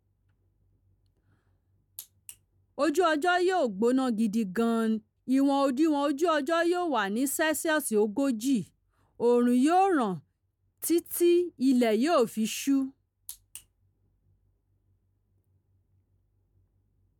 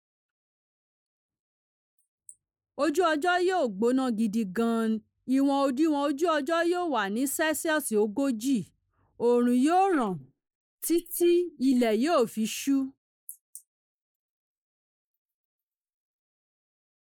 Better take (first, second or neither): first